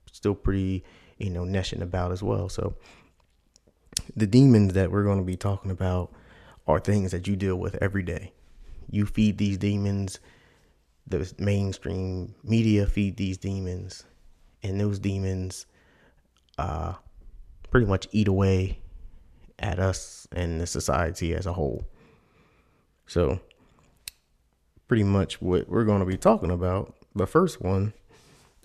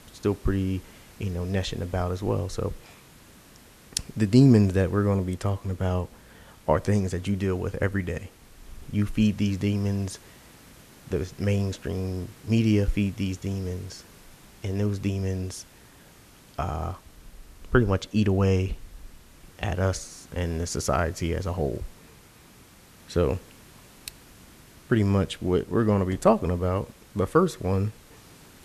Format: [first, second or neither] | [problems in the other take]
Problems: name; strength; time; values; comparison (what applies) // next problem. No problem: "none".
first | hiss; faint; throughout; 25 dB below the speech